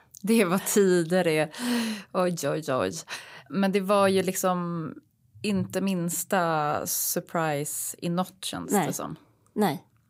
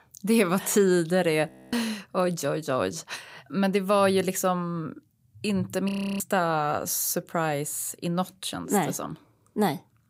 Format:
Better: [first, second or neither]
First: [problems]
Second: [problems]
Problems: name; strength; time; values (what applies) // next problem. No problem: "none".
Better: first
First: none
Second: audio freezing; at 1.5 s and at 6 s